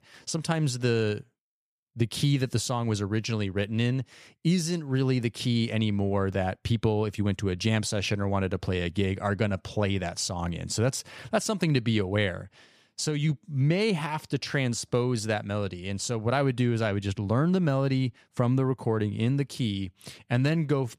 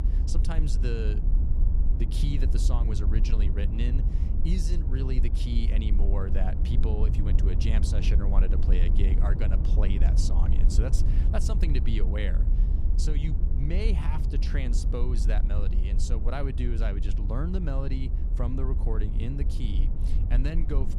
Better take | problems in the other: first | low rumble; loud; throughout; 5 dB below the speech

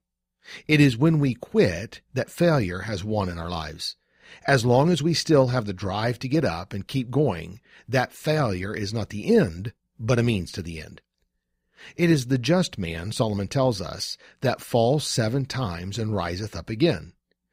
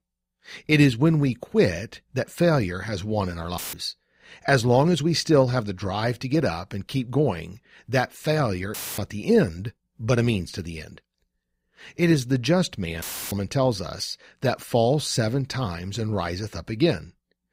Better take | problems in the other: first | audio cutting out; filled with static; at 3.5 s, at 8.5 s and at 13 s

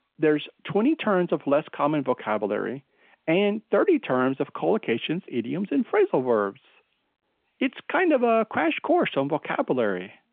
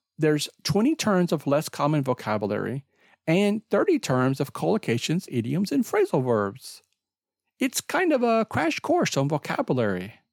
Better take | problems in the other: second | phone-call audio

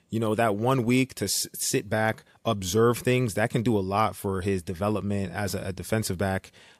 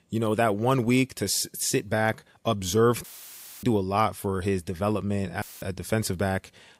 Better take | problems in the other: first | audio cutting out; filled with static; at 3 s for 0.5 s and at 5.5 s

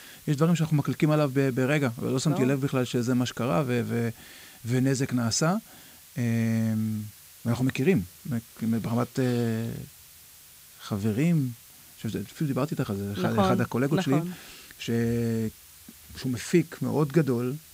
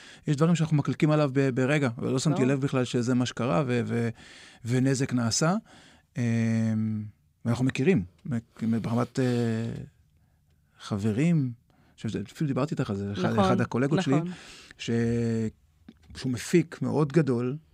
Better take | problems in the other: second | hiss; faint; throughout; 20 dB below the speech

